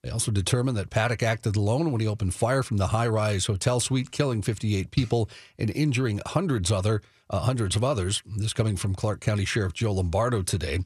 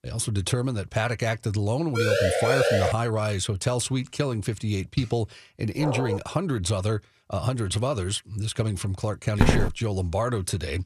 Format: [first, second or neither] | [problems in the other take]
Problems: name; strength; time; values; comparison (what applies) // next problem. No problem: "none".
first | siren; loud; at 2 s; peak 5 dB above the speech // dog barking; noticeable; at 6 s; peak 3 dB below the speech // footsteps; loud; at 9.5 s; peak 4 dB above the speech